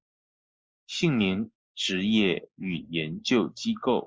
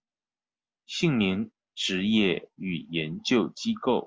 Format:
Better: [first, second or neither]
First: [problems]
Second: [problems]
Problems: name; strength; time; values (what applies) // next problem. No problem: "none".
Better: second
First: noise reduction (neural mask model Resemble Enhance denoiser)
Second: none